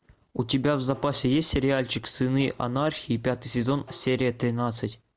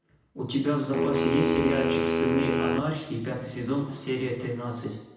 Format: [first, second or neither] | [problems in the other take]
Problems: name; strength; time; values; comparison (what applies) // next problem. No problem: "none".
first | background sound (Wind instrument, woodwind instrument); 1 dB above the speech // room echo; dies away in 0.9 s